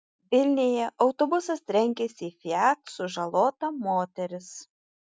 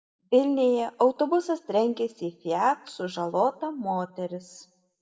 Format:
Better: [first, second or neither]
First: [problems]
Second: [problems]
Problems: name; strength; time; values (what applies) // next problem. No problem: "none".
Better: first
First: none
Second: room echo; dies away in 0.5 s